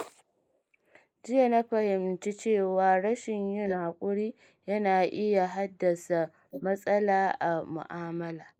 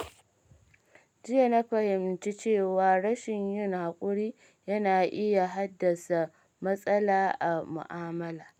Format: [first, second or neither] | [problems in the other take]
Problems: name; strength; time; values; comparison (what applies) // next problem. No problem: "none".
second | noise reduction (neural mask model Resemble Enhance denoiser)